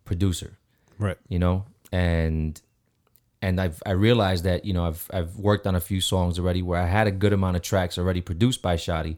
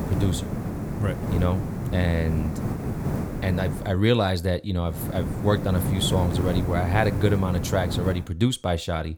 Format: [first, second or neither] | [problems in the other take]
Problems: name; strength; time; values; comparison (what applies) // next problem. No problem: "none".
first | hiss; loud; until 4 s and from 5 to 8 s; 4 dB below the speech